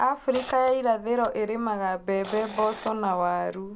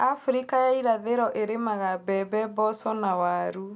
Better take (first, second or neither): second